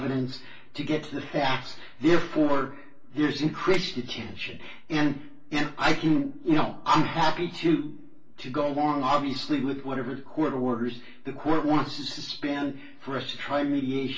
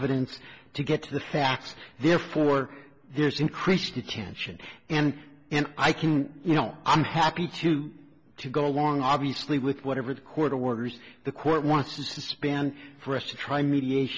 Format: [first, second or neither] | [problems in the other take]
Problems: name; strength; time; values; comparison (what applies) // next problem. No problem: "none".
second | noise reduction (neural separator model SepFormer DNS4)